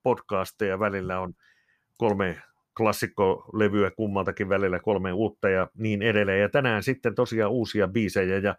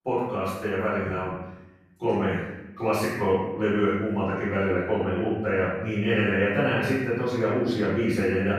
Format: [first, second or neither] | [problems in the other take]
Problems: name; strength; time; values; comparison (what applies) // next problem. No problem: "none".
first | off-mic speech; far // room echo; strong; dies away in 0.8 s